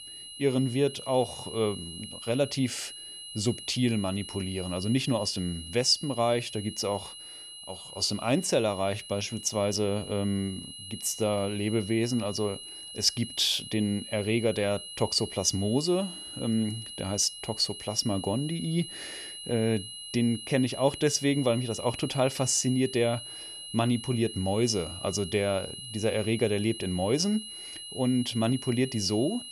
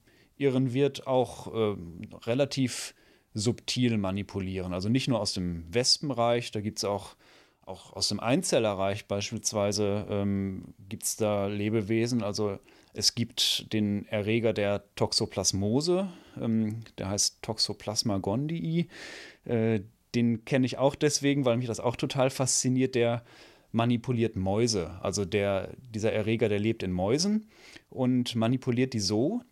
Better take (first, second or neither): second